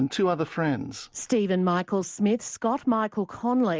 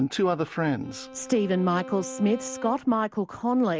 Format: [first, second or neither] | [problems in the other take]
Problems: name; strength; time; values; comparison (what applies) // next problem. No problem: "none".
first | background sound (Bowed string instrument); 16 dB below the speech